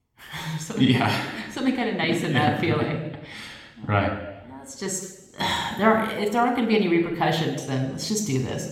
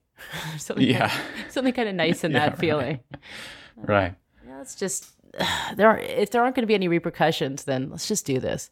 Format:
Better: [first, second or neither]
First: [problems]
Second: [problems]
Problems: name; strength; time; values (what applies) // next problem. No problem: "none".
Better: second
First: room echo; slight; dies away in 1 s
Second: none